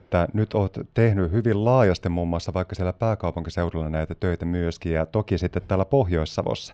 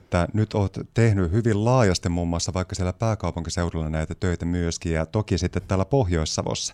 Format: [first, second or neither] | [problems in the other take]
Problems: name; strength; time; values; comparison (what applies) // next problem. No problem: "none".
second | muffled; slightly; fading above 4 kHz